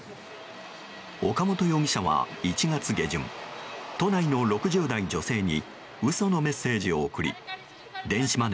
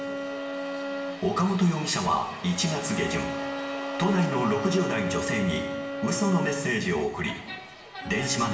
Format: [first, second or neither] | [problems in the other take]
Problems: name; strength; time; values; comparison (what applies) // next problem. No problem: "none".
first | background sound (Bowed string instrument); 7 dB below the speech // room echo; dies away in 0.8 s